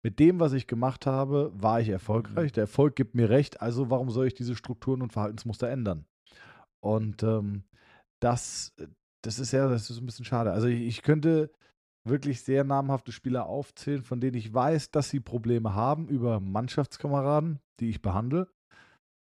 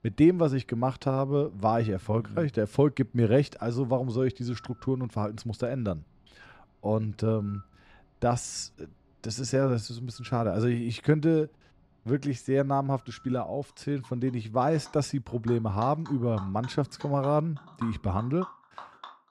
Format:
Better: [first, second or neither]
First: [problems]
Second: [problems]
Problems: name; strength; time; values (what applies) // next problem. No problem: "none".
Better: first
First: none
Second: animal sounds; faint; throughout; 20 dB below the speech